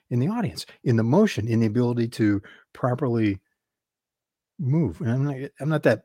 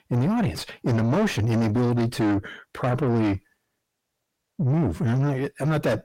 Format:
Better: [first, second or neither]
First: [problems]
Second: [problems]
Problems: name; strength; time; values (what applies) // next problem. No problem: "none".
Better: first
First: none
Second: distortion; heavy; 6 dB below the speech